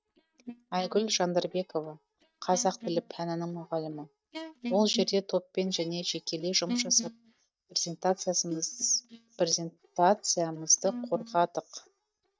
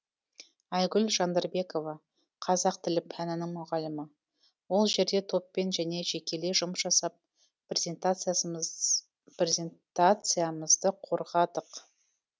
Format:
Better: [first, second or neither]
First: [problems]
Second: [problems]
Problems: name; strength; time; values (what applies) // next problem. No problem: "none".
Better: second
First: noise reduction (neural mask model DeepFilterNet 3)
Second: none